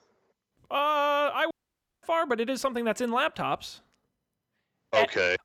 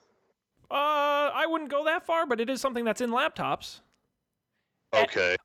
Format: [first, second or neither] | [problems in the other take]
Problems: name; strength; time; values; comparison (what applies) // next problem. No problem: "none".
second | audio cutting out; at 1.5 s for 0.5 s